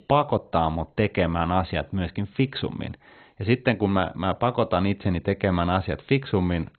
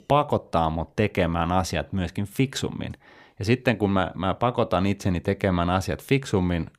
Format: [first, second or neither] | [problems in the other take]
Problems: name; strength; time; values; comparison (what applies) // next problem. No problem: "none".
second | garbled, watery; badly; nothing above 4 kHz